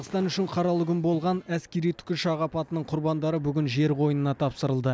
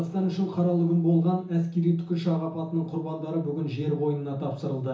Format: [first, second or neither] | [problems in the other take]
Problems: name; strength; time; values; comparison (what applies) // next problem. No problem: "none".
first | room echo; dies away in 0.7 s